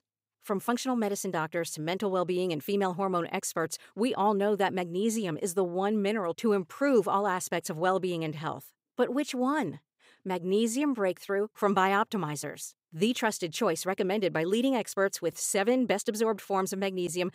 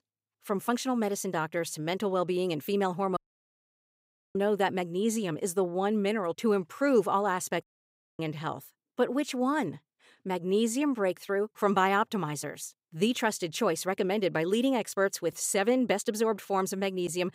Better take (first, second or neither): first